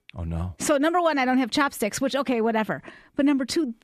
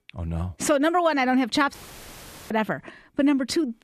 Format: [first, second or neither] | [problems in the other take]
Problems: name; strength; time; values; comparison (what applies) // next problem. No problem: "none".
first | audio cutting out; filled with static; at 1.5 s for 1 s